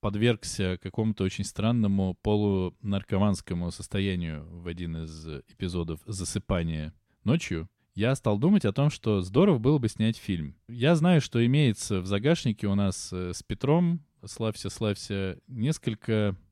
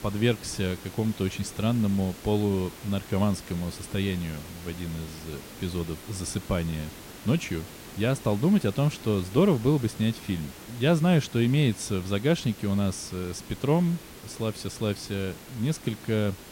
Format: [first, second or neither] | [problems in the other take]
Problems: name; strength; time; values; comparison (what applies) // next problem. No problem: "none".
first | hiss; noticeable; throughout; 15 dB below the speech